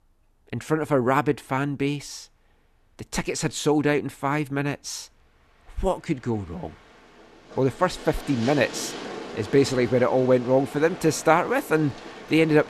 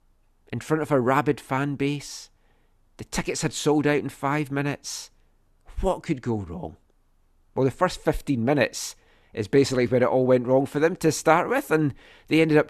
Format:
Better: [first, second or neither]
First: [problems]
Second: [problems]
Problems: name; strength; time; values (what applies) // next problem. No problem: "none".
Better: second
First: train or aircraft noise; noticeable; throughout; 15 dB below the speech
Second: none